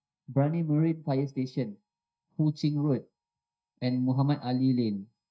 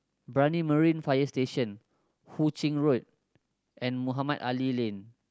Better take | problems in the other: second | noise reduction (neural mask model DeepFilterNet 3)

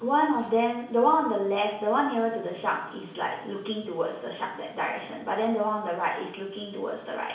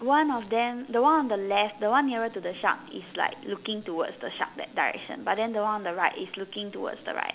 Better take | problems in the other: second | room echo; dies away in 0.6 s

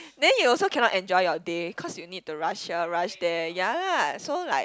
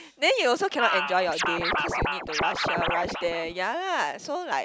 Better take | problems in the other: first | background sound (Scratching (performance technique)); 1 dB below the speech

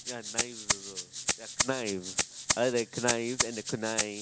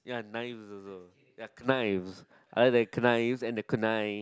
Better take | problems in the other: second | background sound (Rattle (instrument)); 1 dB above the speech

